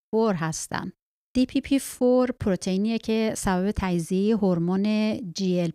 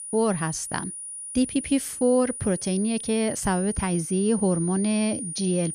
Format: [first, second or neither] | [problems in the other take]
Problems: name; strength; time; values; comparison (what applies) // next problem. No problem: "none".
first | high-pitched whine; loud; throughout; 9.5 kHz, 8 dB below the speech